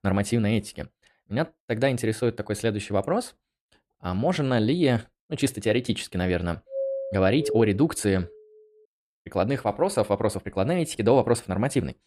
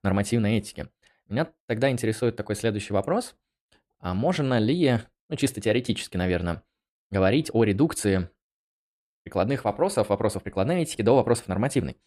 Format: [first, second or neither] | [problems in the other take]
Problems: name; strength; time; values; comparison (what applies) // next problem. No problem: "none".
second | doorbell; noticeable; from 6.5 to 8 s; peak 5 dB below the speech